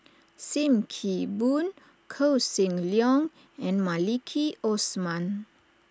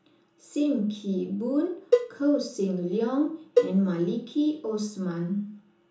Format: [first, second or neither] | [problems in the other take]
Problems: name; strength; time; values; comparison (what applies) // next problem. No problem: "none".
first | background sound (Cowbell); 1 dB below the speech // room echo; dies away in 1.2 s